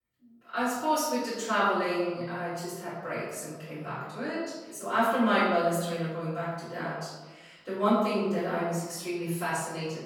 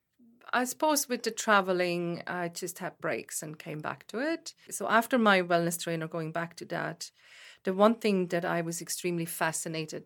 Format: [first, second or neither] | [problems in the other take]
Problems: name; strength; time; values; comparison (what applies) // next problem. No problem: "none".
second | off-mic speech; far // room echo; strong; dies away in 1.1 s